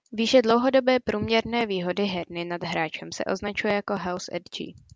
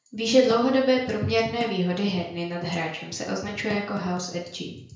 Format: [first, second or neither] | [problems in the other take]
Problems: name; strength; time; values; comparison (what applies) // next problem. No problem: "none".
first | room echo; dies away in 0.5 s